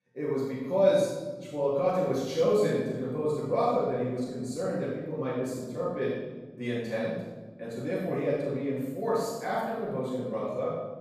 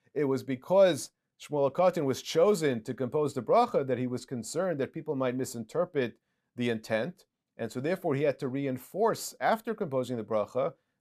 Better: second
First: off-mic speech; far // room echo; strong; dies away in 1.4 s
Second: none

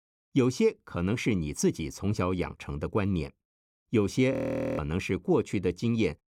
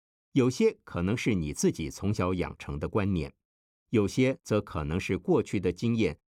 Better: second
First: audio freezing; at 4.5 s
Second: none

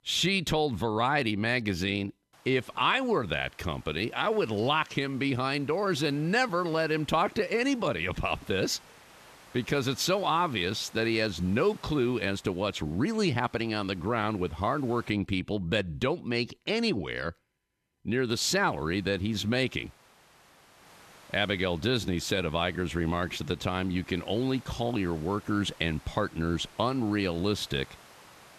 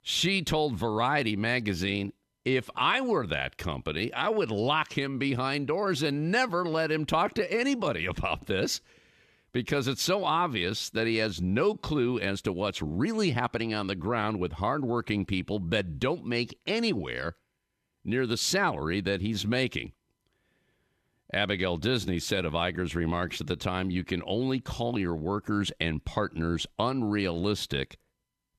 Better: second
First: hiss; faint; from 2.5 to 15 s and from 18 s on; 25 dB below the speech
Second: none

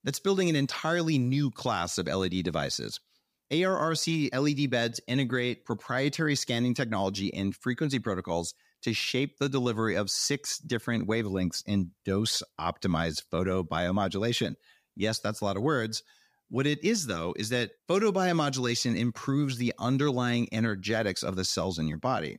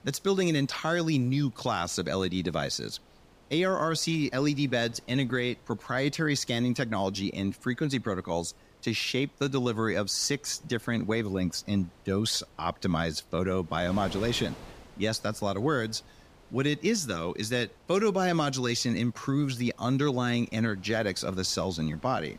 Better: first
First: none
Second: wind noise on the microphone; occasional gusts; 25 dB below the speech

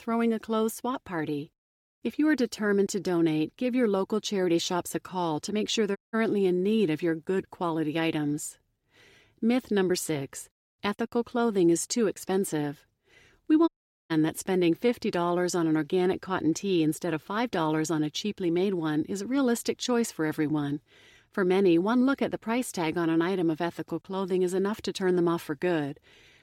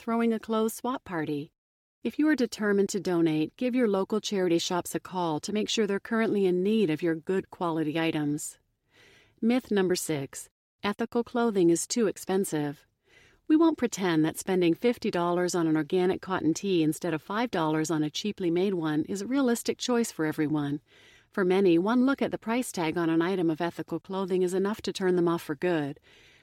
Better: second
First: audio cutting out; at 6 s and at 14 s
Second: none

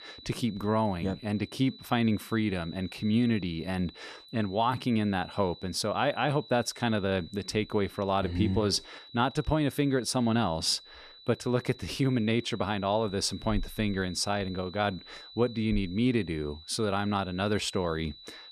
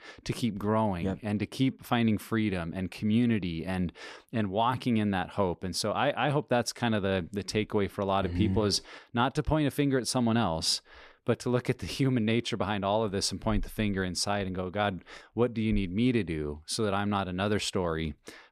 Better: second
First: high-pitched whine; noticeable; throughout; 4 kHz, 20 dB below the speech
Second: none

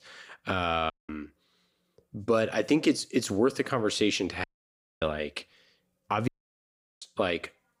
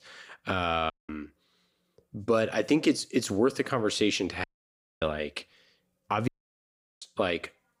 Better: neither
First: audio cutting out; at 1 s, at 4.5 s for 0.5 s and at 6.5 s for 0.5 s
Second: audio cutting out; at 1 s, at 4.5 s for 0.5 s and at 6.5 s for 0.5 s

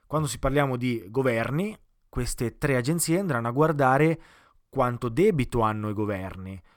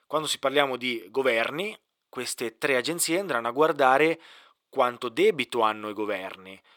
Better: first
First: none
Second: thin; somewhat; fading below 450 Hz

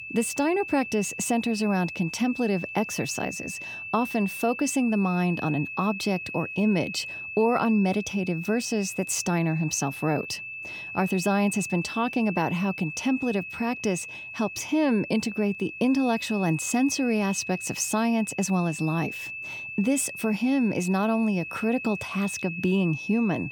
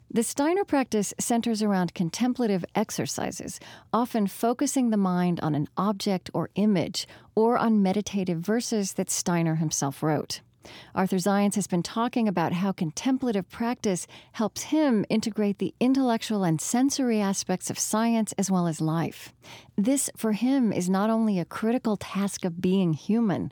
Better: second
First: high-pitched whine; loud; throughout; 2.5 kHz, 8 dB below the speech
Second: none

